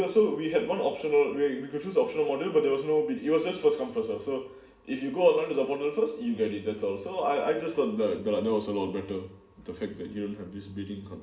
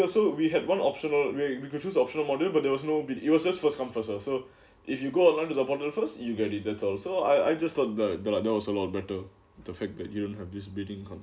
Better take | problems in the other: second | room echo; dies away in 0.8 s

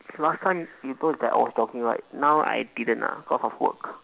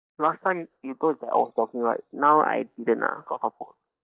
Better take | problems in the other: first | noise reduction (neural mask model DeepFilterNet 3)

